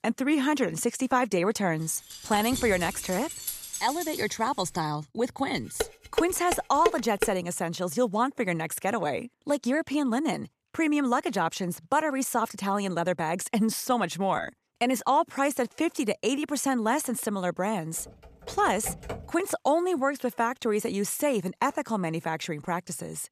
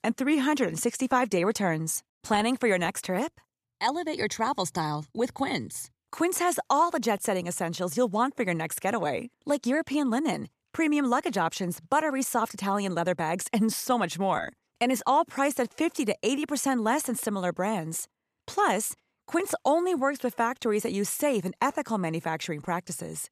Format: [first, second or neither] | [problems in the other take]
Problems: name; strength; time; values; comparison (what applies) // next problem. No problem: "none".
second | jangling keys; noticeable; from 2 to 4.5 s; peak 5 dB below the speech // clattering dishes; noticeable; from 6 to 7.5 s; peak 1 dB below the speech // keyboard typing; noticeable; from 18 to 19 s; peak 10 dB below the speech